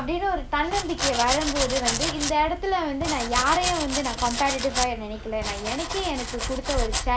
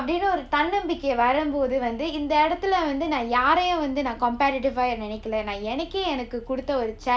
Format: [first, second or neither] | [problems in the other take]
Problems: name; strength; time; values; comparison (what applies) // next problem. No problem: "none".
second | background sound (Domestic sounds, home sounds); 3 dB below the speech